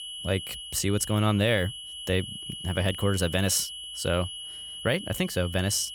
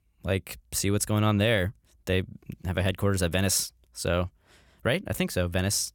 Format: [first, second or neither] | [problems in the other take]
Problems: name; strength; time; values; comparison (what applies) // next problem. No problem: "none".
second | high-pitched whine; loud; throughout; 3 kHz, 9 dB below the speech